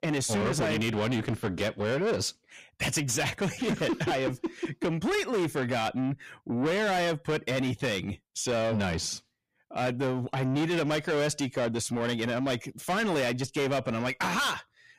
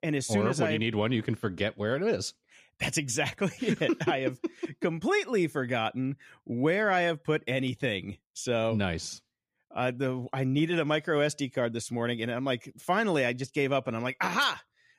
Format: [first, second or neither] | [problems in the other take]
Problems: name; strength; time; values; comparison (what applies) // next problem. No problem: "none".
second | distortion; heavy; 7 dB below the speech